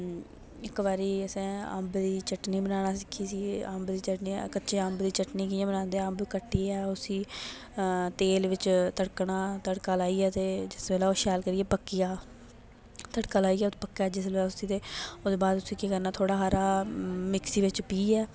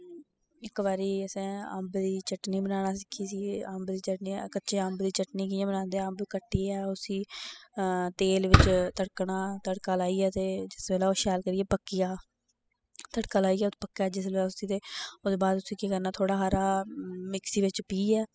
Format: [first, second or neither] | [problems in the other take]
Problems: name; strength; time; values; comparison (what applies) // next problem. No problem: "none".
first | noise reduction (classical method spectral subtraction)